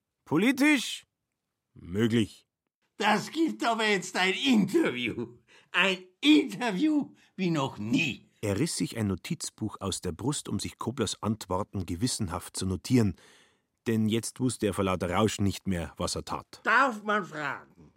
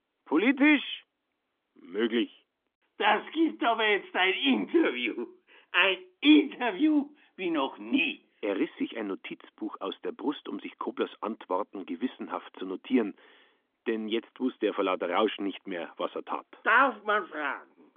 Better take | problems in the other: first | phone-call audio; nothing above 3.5 kHz

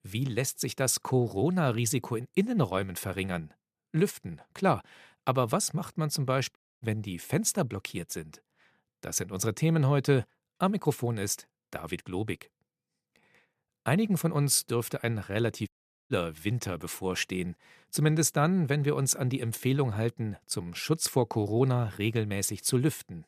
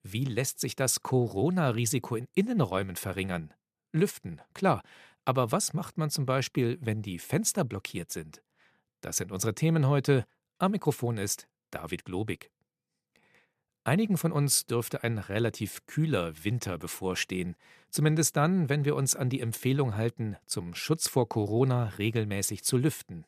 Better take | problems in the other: second | audio cutting out; at 6.5 s and at 16 s

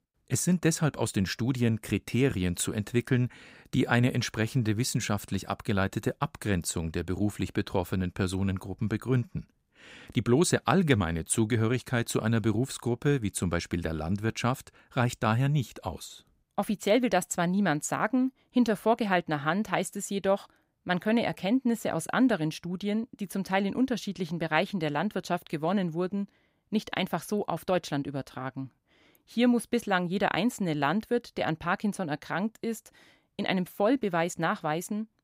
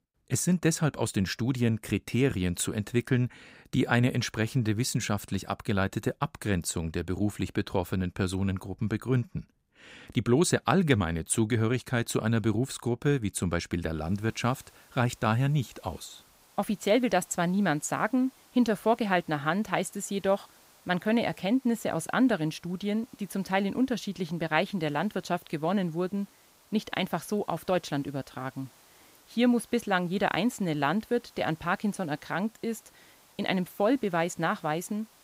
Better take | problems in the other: first | hiss; faint; from 14 s on; 30 dB below the speech

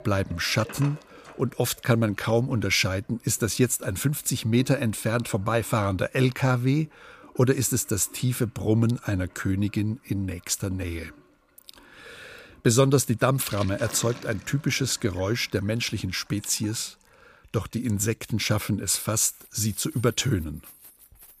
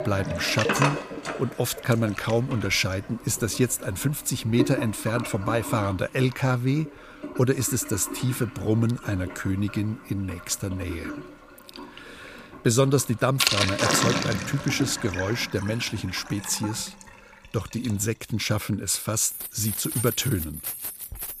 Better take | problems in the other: first | household noises; loud; throughout; 4 dB below the speech; faint in the first

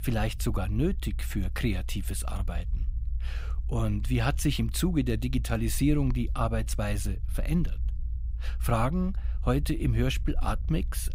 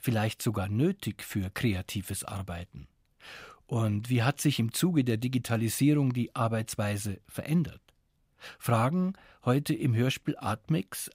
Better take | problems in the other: second | low rumble; faint; throughout; 20 dB below the speech

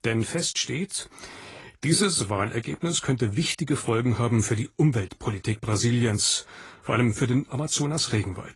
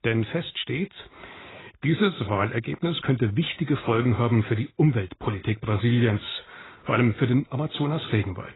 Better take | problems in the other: first | garbled, watery; badly; nothing above 4 kHz; slightly in the first

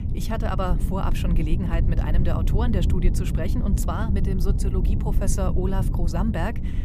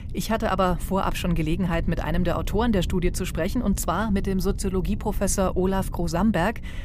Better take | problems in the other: second | low rumble; loud; throughout; 6 dB below the speech; faint in the second

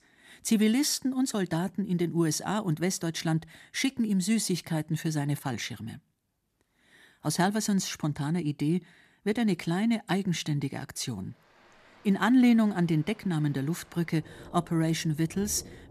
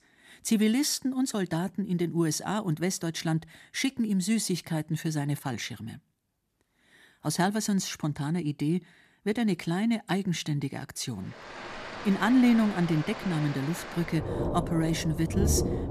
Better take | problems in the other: first | rain or running water; loud; from 11 s on; 6 dB below the speech; faint in the first

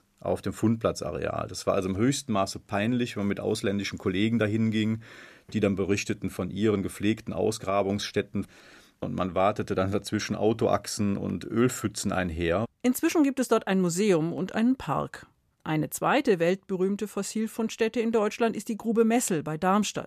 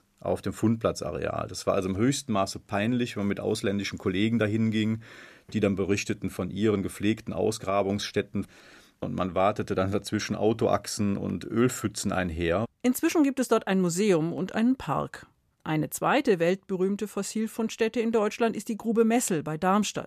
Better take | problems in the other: neither | none

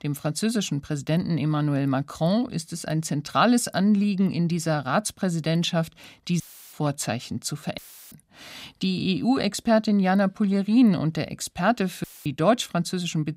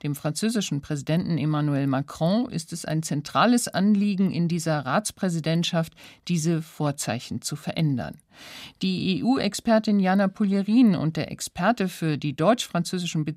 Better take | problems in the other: second | audio cutting out; filled with static; at 6.5 s, at 8 s and at 12 s

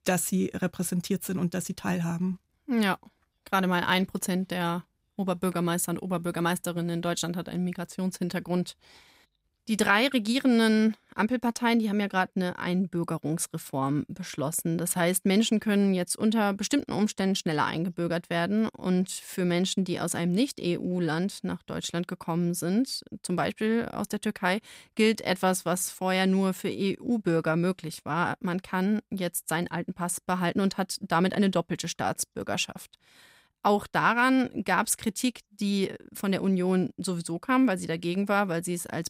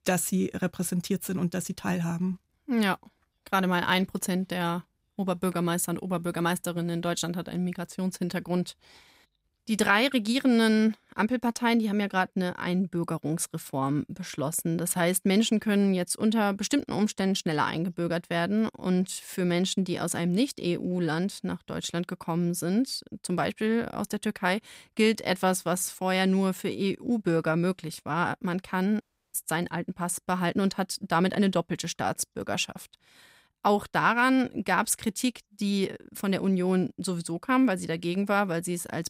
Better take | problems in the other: first | audio cutting out; at 29 s

